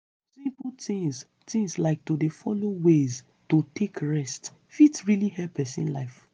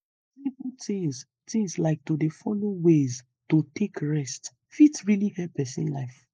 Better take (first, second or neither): first